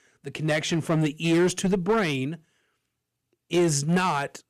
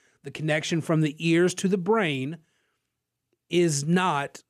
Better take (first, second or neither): second